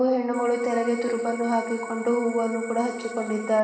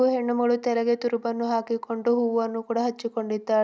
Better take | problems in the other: second | background sound (Organ); 15 dB below the speech // room echo; dies away in 2.3 s

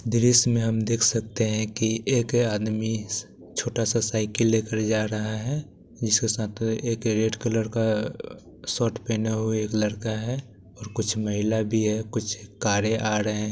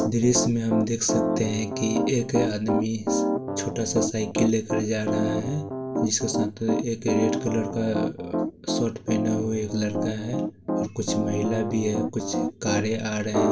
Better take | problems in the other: first | background sound (Piano); 1 dB below the speech // room echo; dies away in 0.2 s

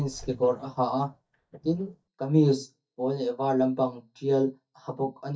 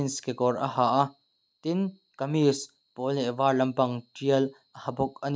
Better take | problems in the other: second | noise reduction (neural mask model DeepFilterNet 3)

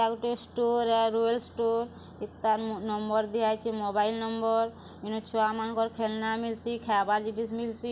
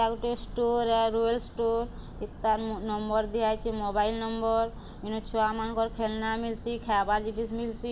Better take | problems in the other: first | background sound (Church bell); 13 dB below the speech

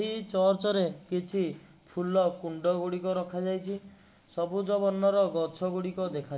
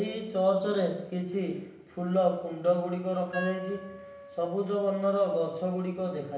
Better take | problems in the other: first | background sound (Wind instrument, woodwind instrument); 14 dB below the speech // room echo; dies away in 0.8 s

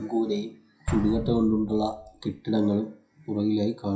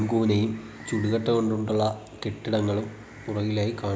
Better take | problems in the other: second | noise reduction (classical method WPE with log-MMSE)

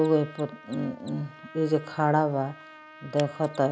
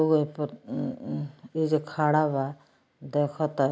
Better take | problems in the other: second | background sound (Mechanisms + Trumpet); 19 dB below the speech

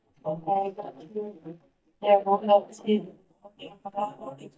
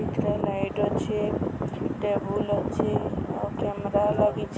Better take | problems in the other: second | noise reduction (neural mask model DeepFilterNet 3)

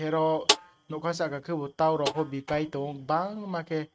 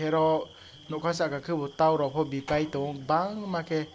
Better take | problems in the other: second | noise reduction (neural mask model RNNoise)

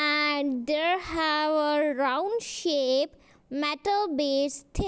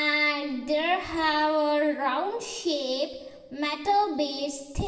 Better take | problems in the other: first | room echo; dies away in 1.1 s

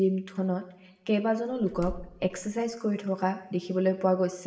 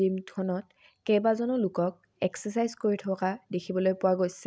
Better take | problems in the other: second | background sound (Slam); 14 dB below the speech // room echo; dies away in 0.9 s

